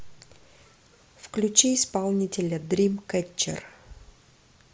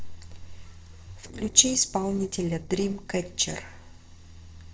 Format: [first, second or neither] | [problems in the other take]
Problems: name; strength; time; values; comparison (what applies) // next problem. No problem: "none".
first | noise reduction (neural separator model SepFormer DNS4)